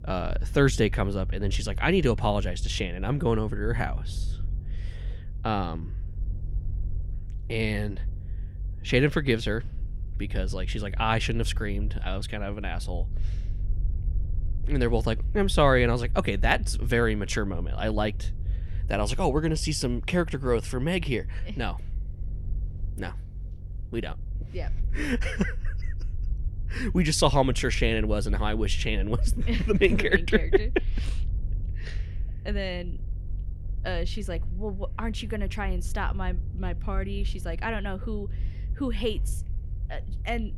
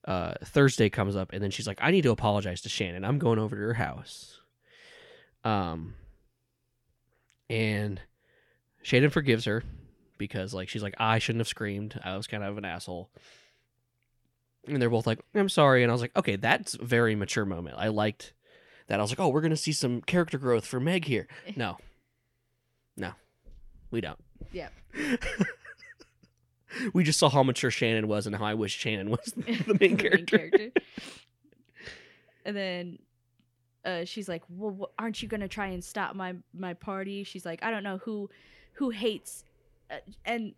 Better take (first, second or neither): second